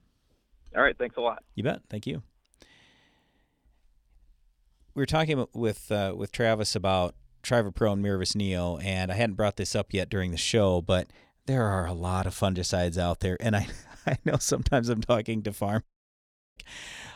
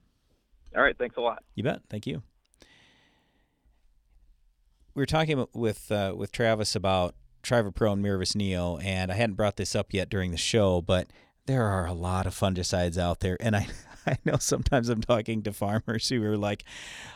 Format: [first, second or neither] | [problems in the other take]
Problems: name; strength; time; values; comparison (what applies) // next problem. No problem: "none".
second | audio cutting out; at 16 s for 0.5 s